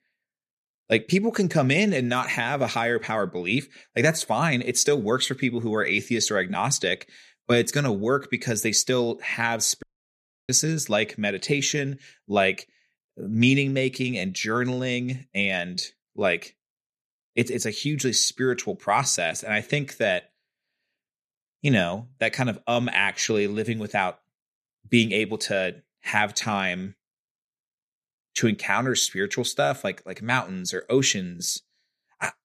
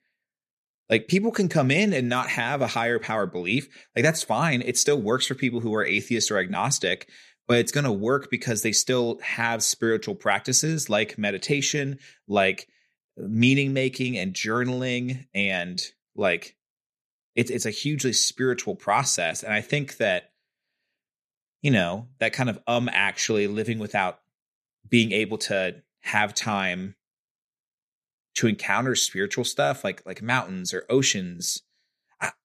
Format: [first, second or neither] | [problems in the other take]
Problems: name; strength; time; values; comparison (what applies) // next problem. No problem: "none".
second | audio cutting out; at 10 s for 0.5 s